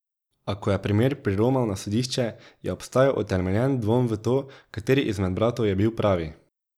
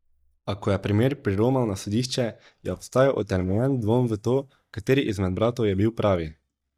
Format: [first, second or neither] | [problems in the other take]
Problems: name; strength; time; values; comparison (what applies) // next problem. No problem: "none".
first | noise reduction (neural mask model DeepFilterNet 3)